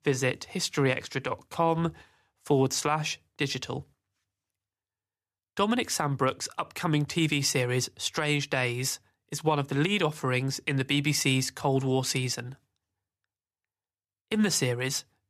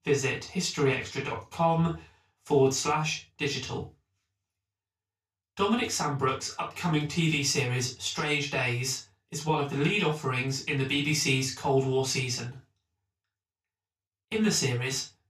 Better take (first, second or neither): first